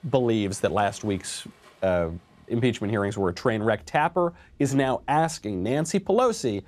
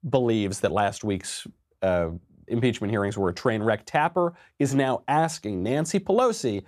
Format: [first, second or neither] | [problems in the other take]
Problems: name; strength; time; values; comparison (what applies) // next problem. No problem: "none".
second | rain or running water; faint; throughout; 30 dB below the speech